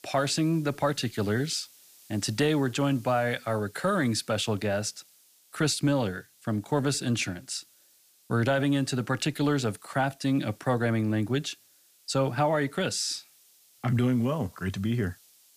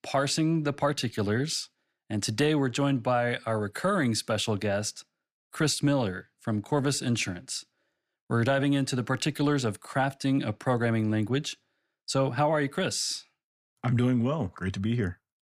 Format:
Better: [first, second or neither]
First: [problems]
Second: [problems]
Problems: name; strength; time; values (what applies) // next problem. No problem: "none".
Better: second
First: hiss; faint; throughout; 25 dB below the speech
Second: none